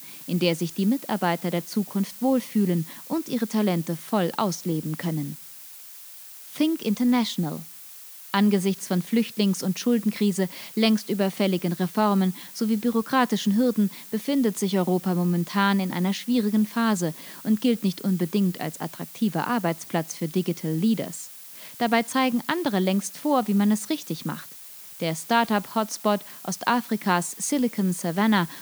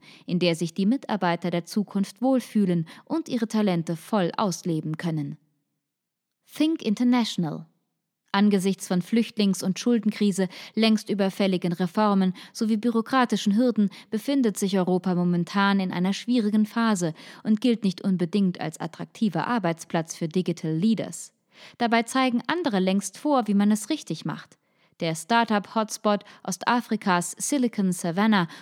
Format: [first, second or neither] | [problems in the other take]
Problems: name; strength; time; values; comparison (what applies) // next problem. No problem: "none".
second | hiss; noticeable; throughout; 15 dB below the speech